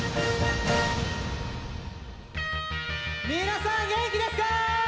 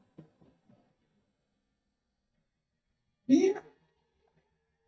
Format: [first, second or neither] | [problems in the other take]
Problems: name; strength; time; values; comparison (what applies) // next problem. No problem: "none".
first | noise reduction (neural mask model DeepFilterNet 3)